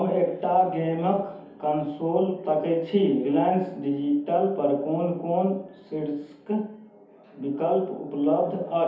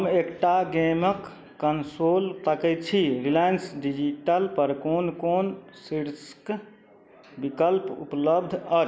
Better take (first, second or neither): second